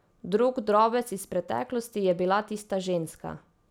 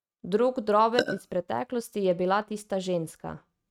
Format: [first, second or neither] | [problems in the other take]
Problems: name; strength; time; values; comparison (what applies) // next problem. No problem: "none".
first | noise reduction (neural mask model RNNoise)